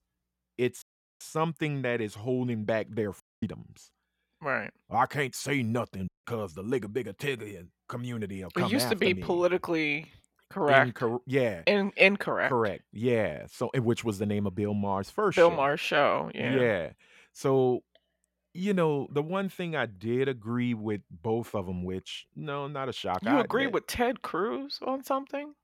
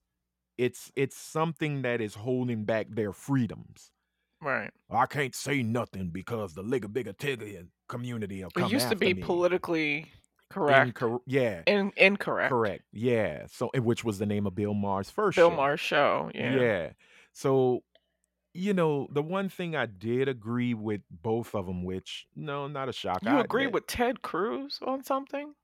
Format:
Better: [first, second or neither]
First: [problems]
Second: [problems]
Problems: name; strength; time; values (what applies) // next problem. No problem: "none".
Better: second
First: audio cutting out; at 1 s, at 3 s and at 6 s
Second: none